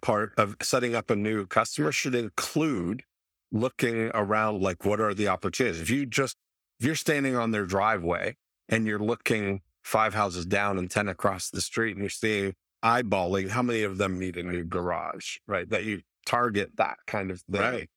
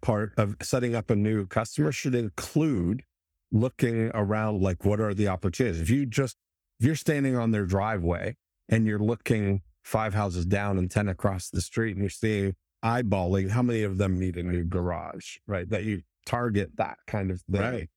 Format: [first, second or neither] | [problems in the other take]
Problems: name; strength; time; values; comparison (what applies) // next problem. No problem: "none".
second | thin; somewhat; fading below 450 Hz